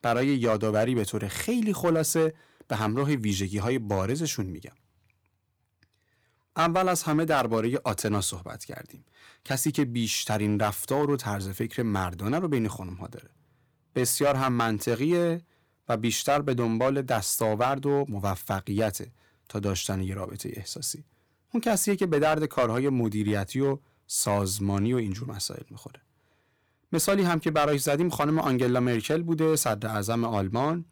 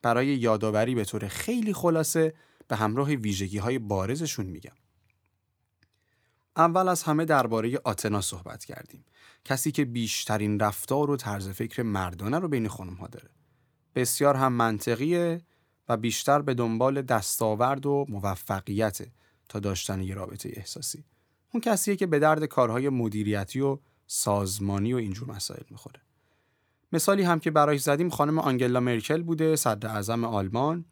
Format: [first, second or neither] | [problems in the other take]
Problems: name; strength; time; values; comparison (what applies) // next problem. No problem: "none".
second | distortion; slight; 3% of the sound clipped